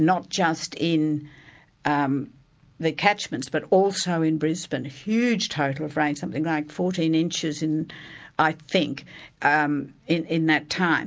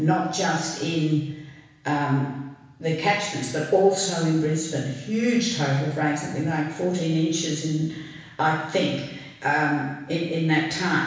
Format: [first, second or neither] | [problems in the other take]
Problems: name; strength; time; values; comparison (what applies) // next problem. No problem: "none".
first | room echo; dies away in 1.1 s